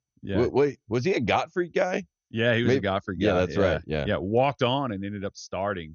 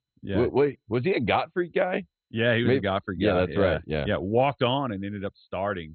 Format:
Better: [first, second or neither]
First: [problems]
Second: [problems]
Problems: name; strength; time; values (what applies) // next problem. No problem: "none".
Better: first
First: garbled, watery; slightly; nothing above 6.5 kHz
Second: garbled, watery; badly; nothing above 4 kHz